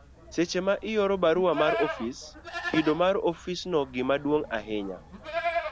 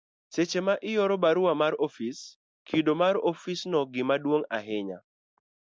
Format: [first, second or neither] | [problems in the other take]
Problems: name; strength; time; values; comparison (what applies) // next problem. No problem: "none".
second | background sound (Livestock, farm animals, working animals); 9 dB below the speech